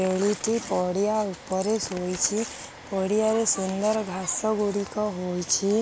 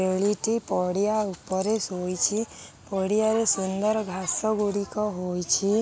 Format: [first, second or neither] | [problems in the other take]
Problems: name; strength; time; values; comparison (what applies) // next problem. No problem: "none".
second | background sound (Crumpling, crinkling / Tearing + Domestic sounds, home sounds); 16 dB below the speech